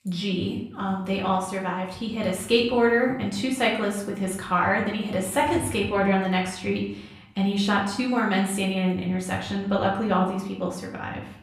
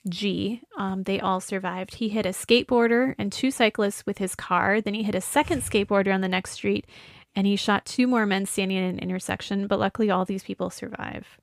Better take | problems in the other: second | off-mic speech; far // room echo; slight; dies away in 0.6 s

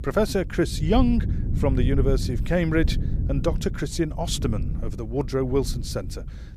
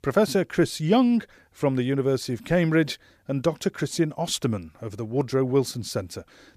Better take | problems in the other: second | low rumble; noticeable; throughout; 15 dB below the speech

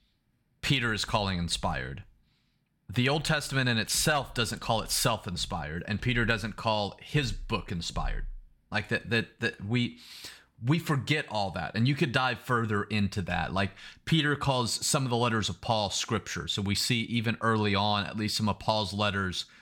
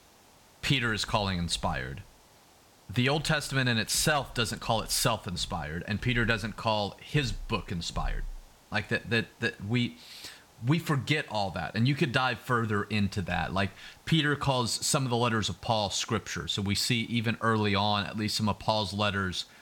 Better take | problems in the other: first | hiss; faint; throughout; 30 dB below the speech

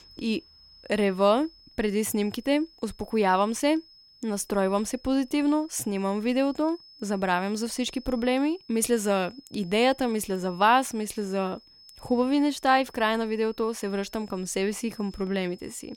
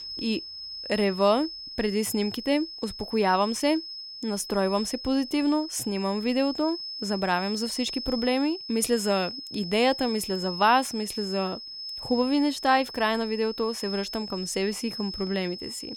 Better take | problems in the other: first | high-pitched whine; loud; throughout; 5 kHz, 8 dB below the speech; faint in the first

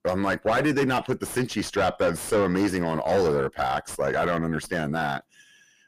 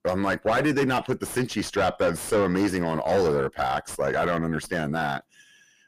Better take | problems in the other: neither | distortion; heavy; 6 dB below the speech; the same in both

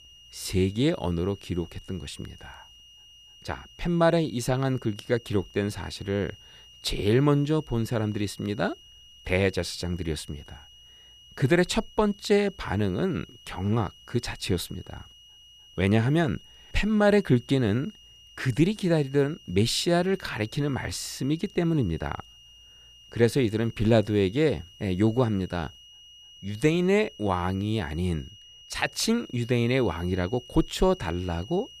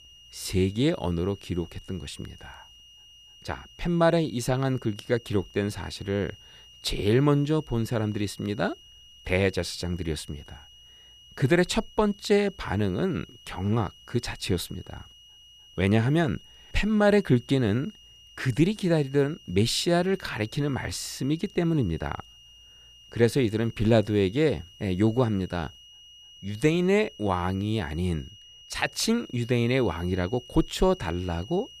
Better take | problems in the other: neither | high-pitched whine; faint; throughout; 3 kHz, 20 dB below the speech; the same in both

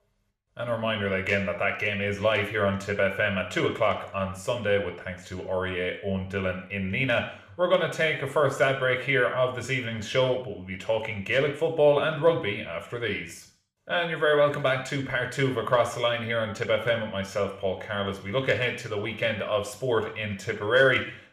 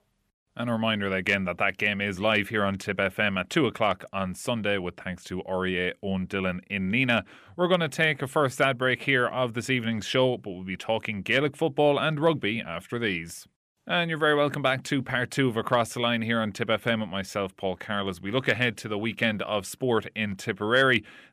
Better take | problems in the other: second | room echo; slight; dies away in 0.5 s

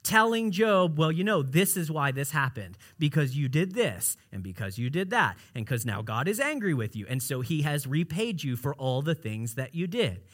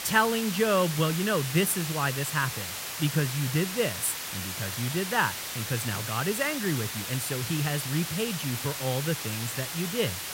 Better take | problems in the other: first | hiss; loud; throughout; 4 dB below the speech

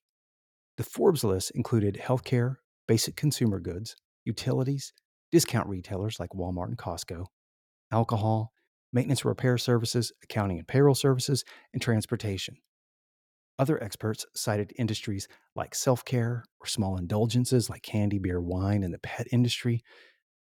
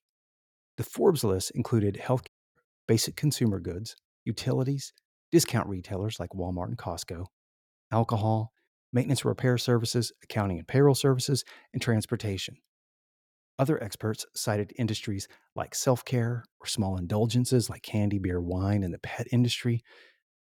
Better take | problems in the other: first | audio cutting out; at 2.5 s

